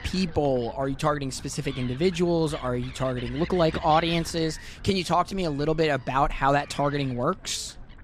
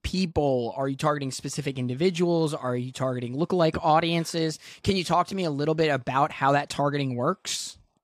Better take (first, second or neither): second